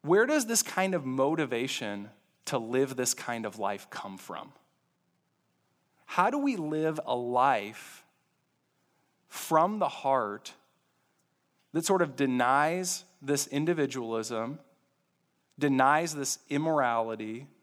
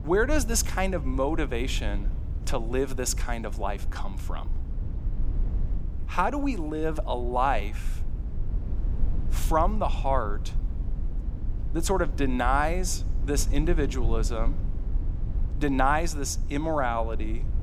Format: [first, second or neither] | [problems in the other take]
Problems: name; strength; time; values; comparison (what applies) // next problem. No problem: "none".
first | low rumble; faint; throughout; 20 dB below the speech